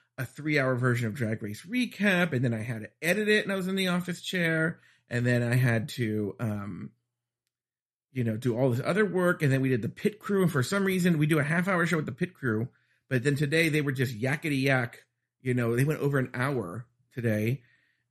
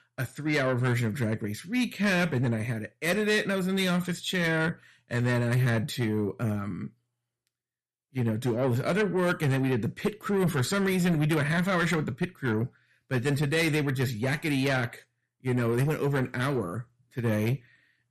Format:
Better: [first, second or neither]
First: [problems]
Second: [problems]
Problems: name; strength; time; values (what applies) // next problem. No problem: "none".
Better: first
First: none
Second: distortion; slight; 10 dB below the speech